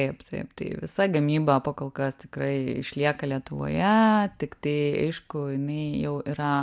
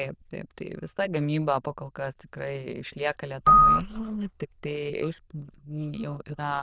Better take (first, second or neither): first